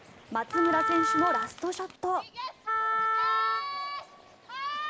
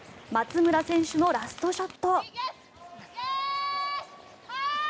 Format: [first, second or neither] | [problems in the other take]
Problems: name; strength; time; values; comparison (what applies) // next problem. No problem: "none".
second | background sound (Wind instrument, woodwind instrument); 2 dB above the speech